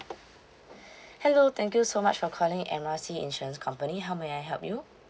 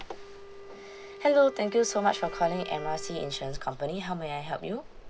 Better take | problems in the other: first | background sound (Wind instrument, woodwind instrument + Ocean); 12 dB below the speech

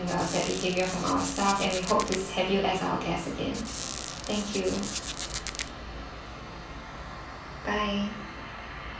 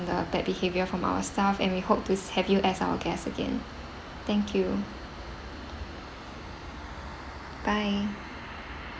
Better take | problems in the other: second | background sound (Squeak); 8 dB below the speech // room echo; dies away in 0.4 s

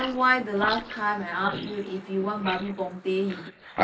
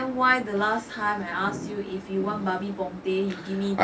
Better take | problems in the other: second | noise reduction (neural mask model Resemble Enhance denoiser)

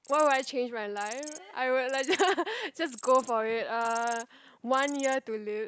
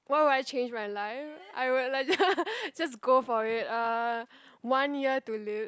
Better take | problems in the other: second | background sound (Insect); 18 dB below the speech

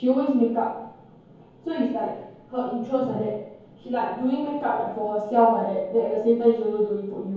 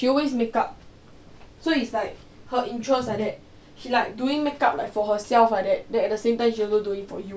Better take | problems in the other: second | room echo; dies away in 0.9 s

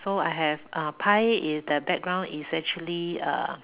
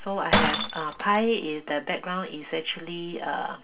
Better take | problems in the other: first | background sound (Shatter); 3 dB below the speech // room echo; dies away in 0.2 s

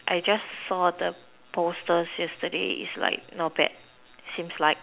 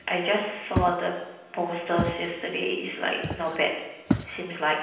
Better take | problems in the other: first | background sound (Walk, footsteps); 6 dB below the speech // room echo; dies away in 0.9 s

